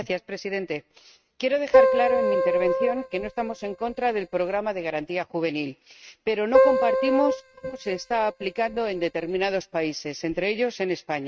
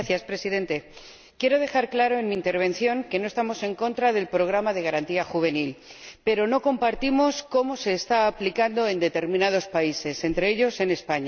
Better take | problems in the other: second | noise reduction (neural mask model RNNoise)

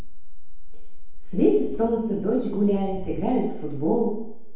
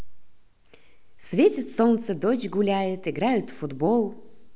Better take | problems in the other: second | background sound (Subway, metro, underground); 19 dB below the speech // room echo; dies away in 2.2 s

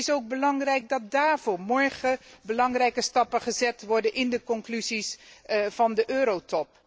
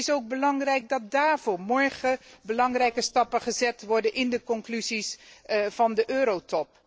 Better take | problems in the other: first | noise reduction (neural separator model SepFormer DNS4)

